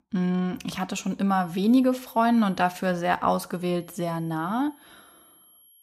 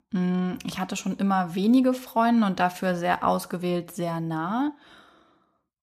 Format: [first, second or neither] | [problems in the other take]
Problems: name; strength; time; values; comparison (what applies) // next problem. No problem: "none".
second | high-pitched whine; faint; from 1.5 to 2.5 s and from 3.5 s on; 11.5 kHz, 30 dB below the speech